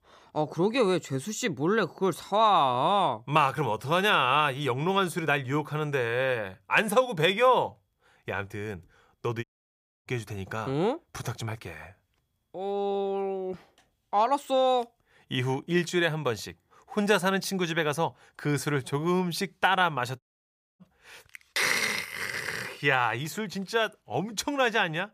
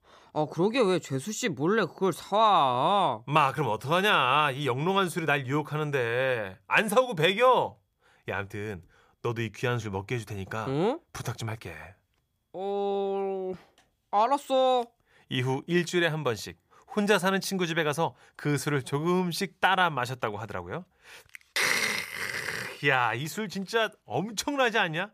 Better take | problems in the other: second | audio cutting out; at 9.5 s for 0.5 s and at 20 s for 0.5 s

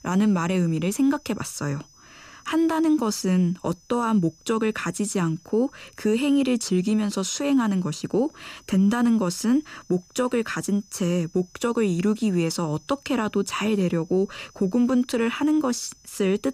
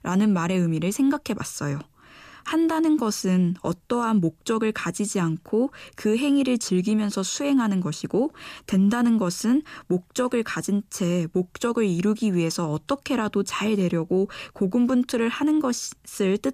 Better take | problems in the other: second | high-pitched whine; faint; throughout; 6 kHz, 30 dB below the speech

